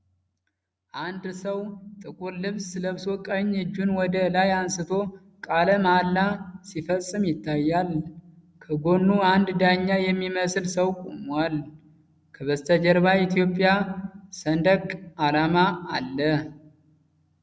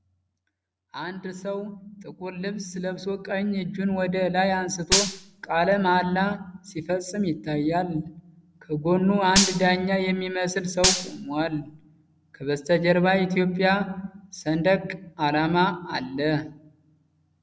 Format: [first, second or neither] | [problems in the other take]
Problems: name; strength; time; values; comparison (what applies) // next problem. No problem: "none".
first | background sound (Gunshot, gunfire); 2 dB below the speech